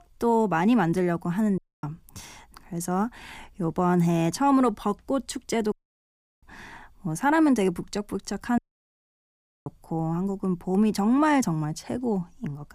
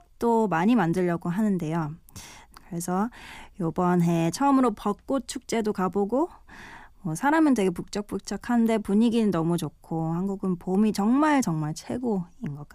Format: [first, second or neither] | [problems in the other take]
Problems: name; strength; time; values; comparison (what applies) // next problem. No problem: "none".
second | audio cutting out; at 1.5 s, at 5.5 s for 0.5 s and at 8.5 s for 1 s